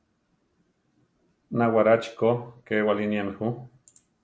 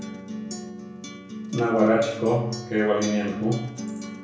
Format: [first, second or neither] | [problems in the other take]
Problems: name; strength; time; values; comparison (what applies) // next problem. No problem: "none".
first | background sound (Acoustic guitar); 8 dB below the speech // room echo; dies away in 0.6 s